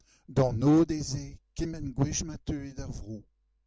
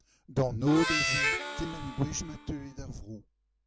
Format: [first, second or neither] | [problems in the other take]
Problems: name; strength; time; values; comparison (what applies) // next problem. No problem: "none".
first | background sound (Harmonica); 2 dB below the speech